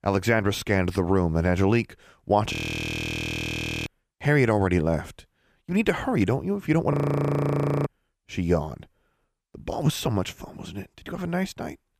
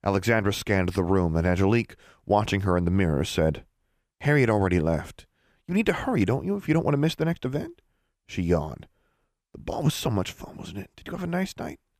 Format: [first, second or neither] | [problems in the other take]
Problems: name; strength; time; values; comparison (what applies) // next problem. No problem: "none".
second | audio freezing; at 2.5 s for 1.5 s and at 7 s for 1 s